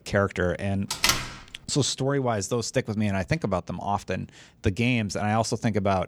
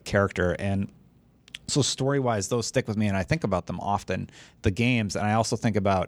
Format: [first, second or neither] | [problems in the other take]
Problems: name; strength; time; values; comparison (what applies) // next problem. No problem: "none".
second | door banging; loud; at 1 s; peak 4 dB above the speech